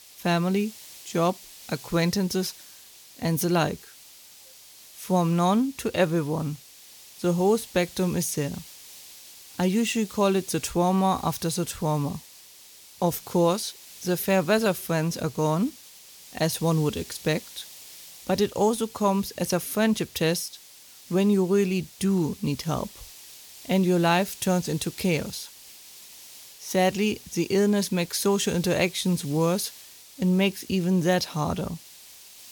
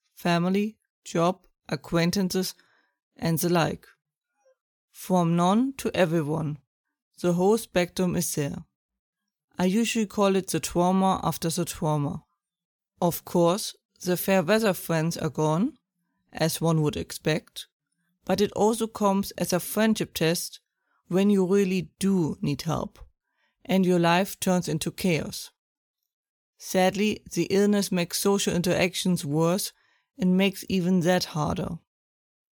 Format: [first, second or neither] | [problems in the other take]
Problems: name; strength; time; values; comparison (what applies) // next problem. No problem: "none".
second | hiss; noticeable; throughout; 20 dB below the speech